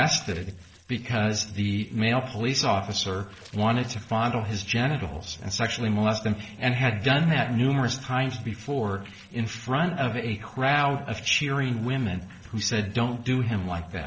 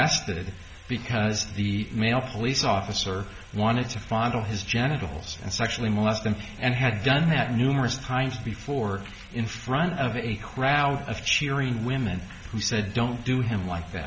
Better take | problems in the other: second | noise reduction (neural separator model SepFormer DNS4)

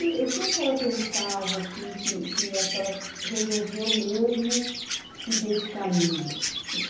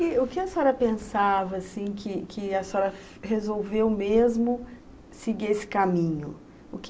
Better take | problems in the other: second | background sound (Chirp, tweet); 3 dB below the speech // room echo; dies away in 0.7 s

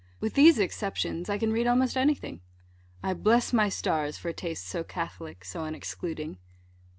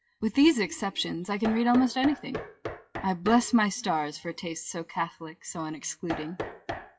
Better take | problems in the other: first | noise reduction (classical method WPE with log-MMSE)

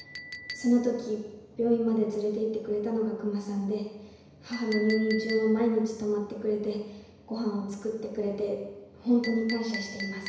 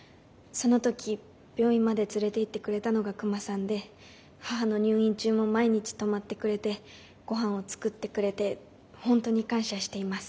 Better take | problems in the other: second | background sound (Chink, clink); 15 dB below the speech // room echo; dies away in 1 s

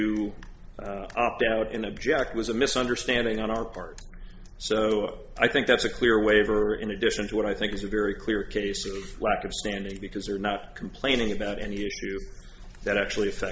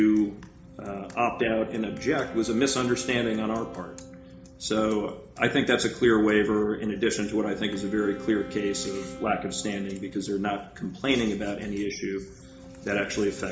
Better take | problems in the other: first | background sound (Wind instrument, woodwind instrument); 17 dB below the speech // room echo; dies away in 0.4 s

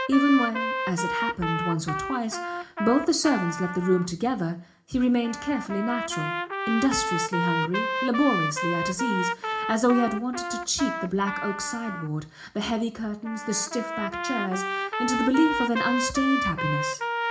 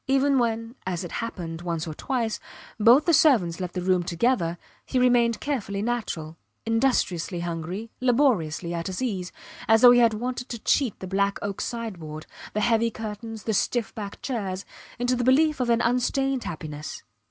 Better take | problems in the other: second | background sound (Trumpet); 4 dB below the speech // room echo; dies away in 0.4 s

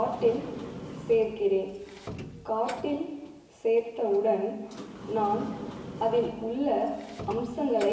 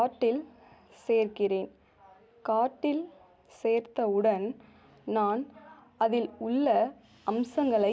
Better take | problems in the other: second | background sound (Sliding door); 13 dB below the speech // room echo; dies away in 1.1 s

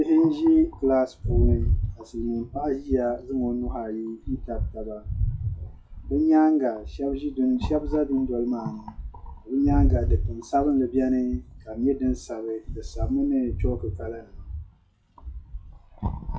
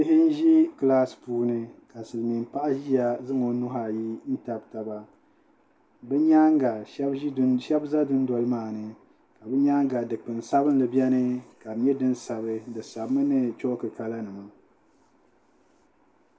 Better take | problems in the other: second | noise reduction (classical method log-MMSE)

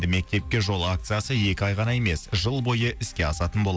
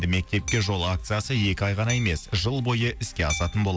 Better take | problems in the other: first | background sound (Hammer); 15 dB below the speech

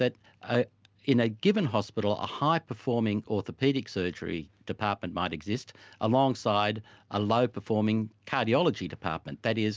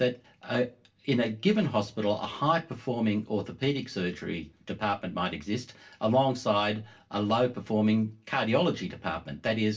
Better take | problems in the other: first | room echo; dies away in 0.2 s

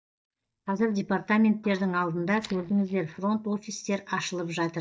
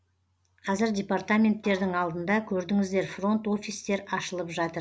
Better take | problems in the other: second | noise reduction (neural mask model DeepFilterNet 3)

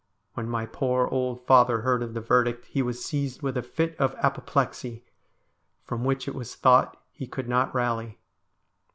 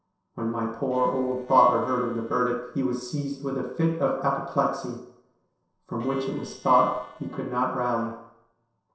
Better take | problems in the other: first | noise reduction (neural separator model SepFormer DNS4)

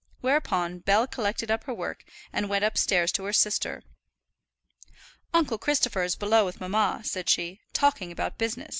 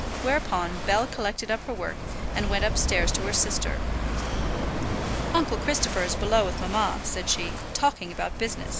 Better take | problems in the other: first | background sound (Walk, footsteps / Waves, surf / Wind); 1 dB below the speech

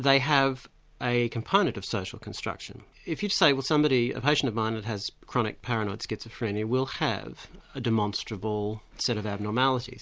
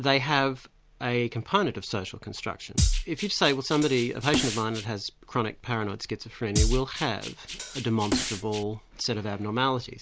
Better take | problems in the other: first | background sound (Drum kit); 1 dB below the speech

